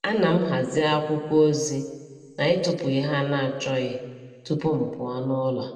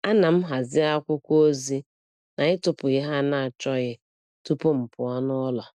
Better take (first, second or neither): second